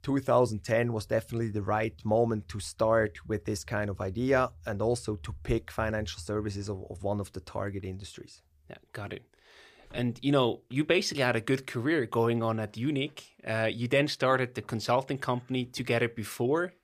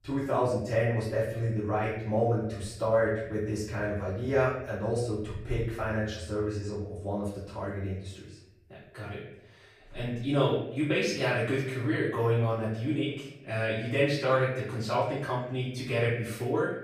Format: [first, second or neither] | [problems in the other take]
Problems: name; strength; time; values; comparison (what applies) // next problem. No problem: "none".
first | off-mic speech; far // room echo; noticeable; dies away in 0.7 s